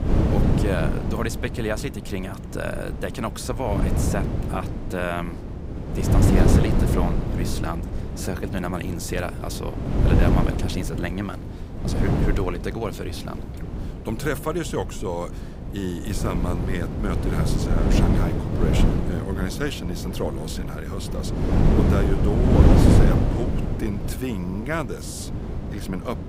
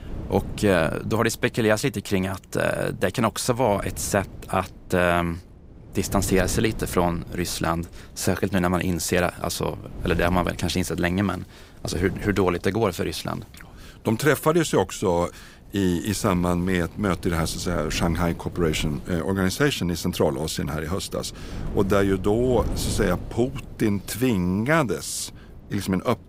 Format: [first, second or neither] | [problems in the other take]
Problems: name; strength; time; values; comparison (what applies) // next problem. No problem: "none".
second | wind noise on the microphone; heavy; as loud as the speech; occasional gusts in the second